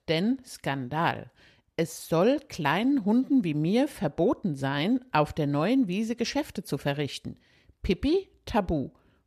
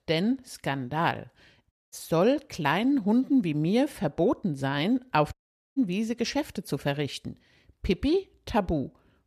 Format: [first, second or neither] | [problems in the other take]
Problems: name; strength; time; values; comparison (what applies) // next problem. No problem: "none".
first | audio cutting out; at 1.5 s and at 5.5 s